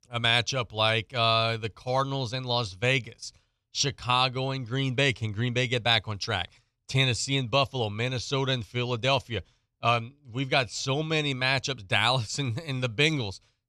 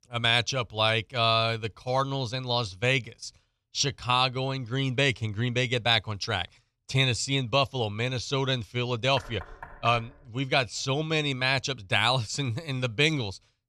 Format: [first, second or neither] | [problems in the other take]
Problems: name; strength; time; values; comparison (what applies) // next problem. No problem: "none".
first | door banging; faint; from 9 to 10 s; peak 15 dB below the speech